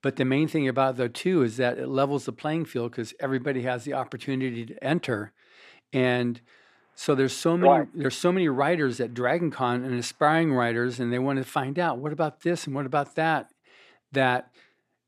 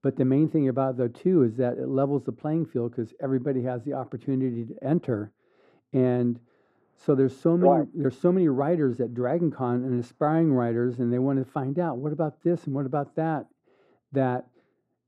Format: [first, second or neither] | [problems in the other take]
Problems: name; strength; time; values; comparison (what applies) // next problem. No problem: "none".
first | muffled; very; fading above 1 kHz